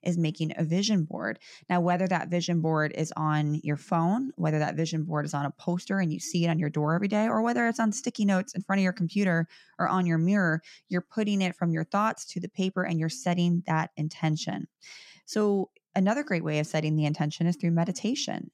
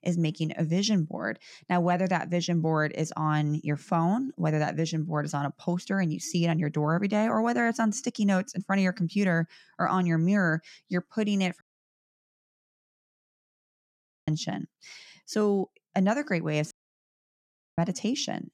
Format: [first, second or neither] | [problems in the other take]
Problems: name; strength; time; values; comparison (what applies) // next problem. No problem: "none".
first | audio cutting out; at 12 s for 2.5 s and at 17 s for 1 s